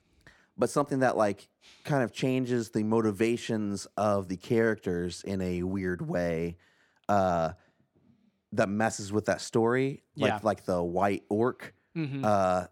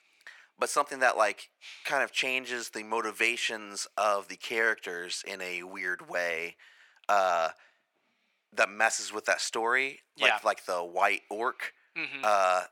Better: first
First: none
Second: thin; very; fading below 900 Hz

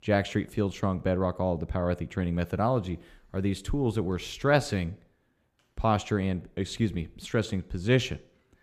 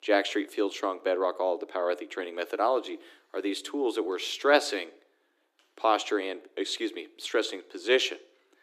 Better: first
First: none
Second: thin; very; fading below 300 Hz

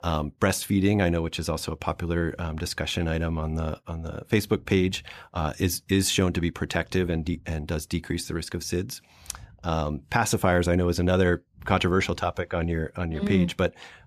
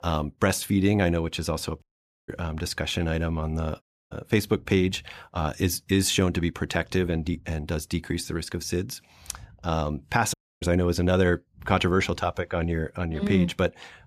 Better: first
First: none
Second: audio cutting out; at 2 s, at 4 s and at 10 s

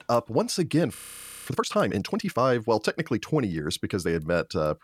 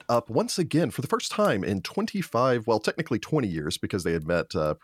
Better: second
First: audio freezing; at 1 s for 0.5 s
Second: none

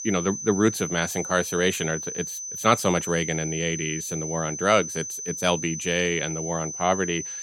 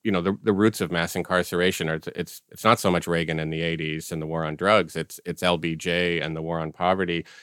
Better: second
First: high-pitched whine; loud; throughout; 6 kHz, 6 dB below the speech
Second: none

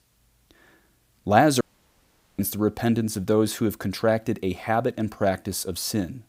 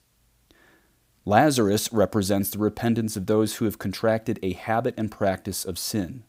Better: second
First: audio cutting out; at 1.5 s for 1 s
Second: none

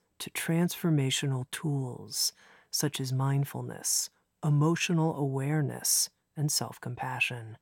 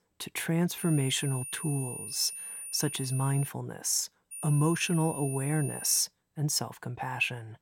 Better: first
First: none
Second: high-pitched whine; loud; from 1 to 3.5 s and from 4.5 to 6 s; 9.5 kHz, 8 dB below the speech

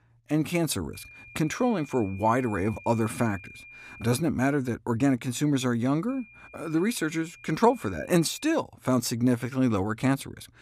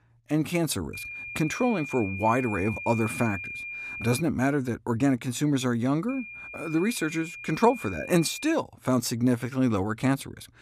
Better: first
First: high-pitched whine; faint; from 1 to 4 s and from 6 to 8.5 s; 2.5 kHz, 20 dB below the speech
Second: high-pitched whine; loud; from 1 to 4 s and from 6 to 8.5 s; 2.5 kHz, 10 dB below the speech

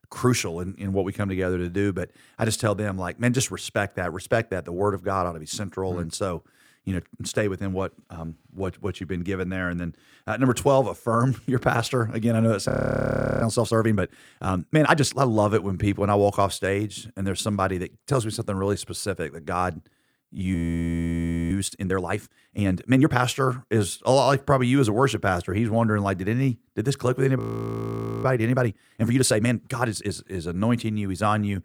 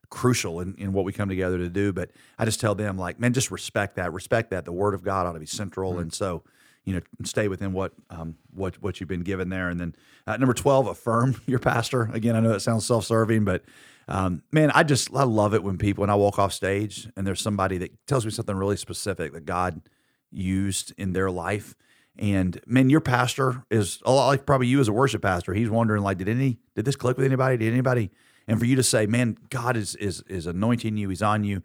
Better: second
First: audio freezing; at 13 s for 0.5 s, at 21 s for 1 s and at 27 s for 1 s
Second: none

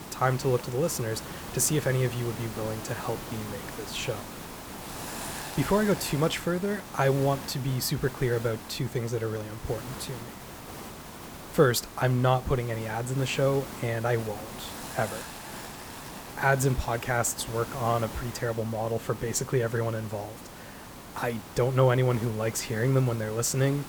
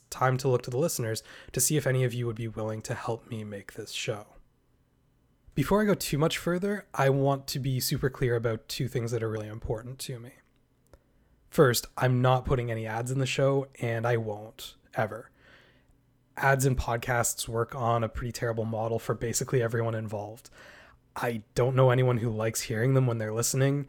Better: second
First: hiss; noticeable; throughout; 10 dB below the speech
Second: none

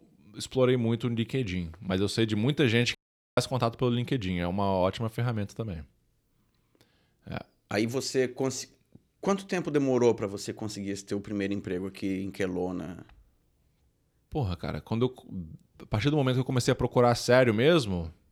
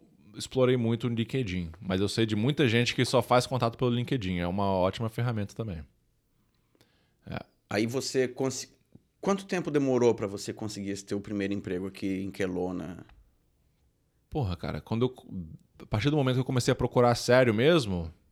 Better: second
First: audio cutting out; at 3 s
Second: none

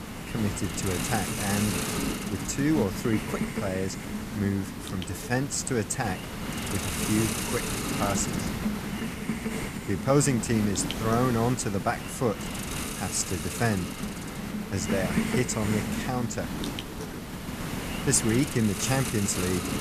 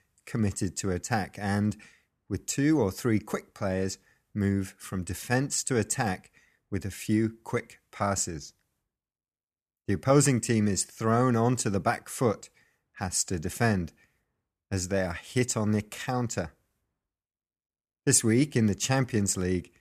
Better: second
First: hiss; loud; throughout; 3 dB below the speech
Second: none

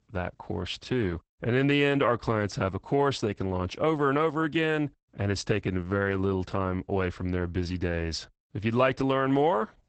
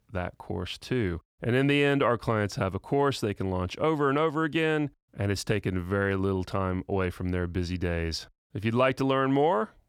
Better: second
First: garbled, watery; badly; nothing above 8 kHz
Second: none

